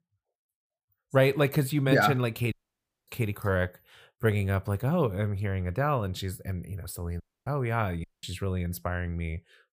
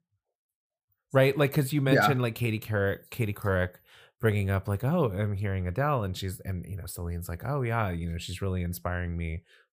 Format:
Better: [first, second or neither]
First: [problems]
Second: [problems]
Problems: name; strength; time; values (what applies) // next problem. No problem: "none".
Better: second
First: audio cutting out; at 2.5 s for 0.5 s, at 7 s and at 8 s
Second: none